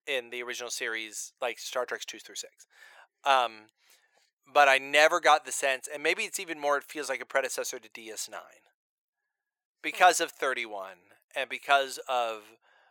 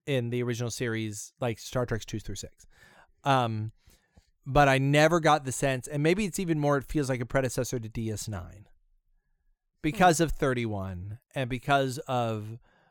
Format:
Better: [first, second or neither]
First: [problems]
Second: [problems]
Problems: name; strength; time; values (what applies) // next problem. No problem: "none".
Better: second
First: thin; very; fading below 550 Hz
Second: none